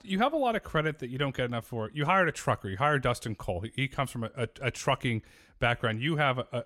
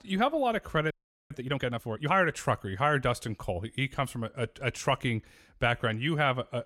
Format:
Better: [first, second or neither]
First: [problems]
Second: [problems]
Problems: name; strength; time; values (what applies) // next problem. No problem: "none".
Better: first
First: none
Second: audio freezing; at 1 s